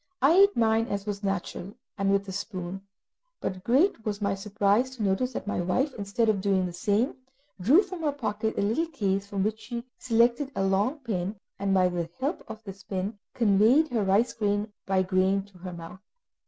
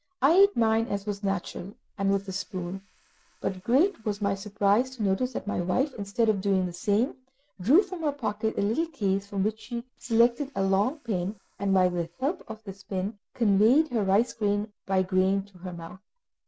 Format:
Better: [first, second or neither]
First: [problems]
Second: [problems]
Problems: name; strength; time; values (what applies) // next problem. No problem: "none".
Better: first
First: none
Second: noise reduction (neural mask model Resemble Enhance denoiser)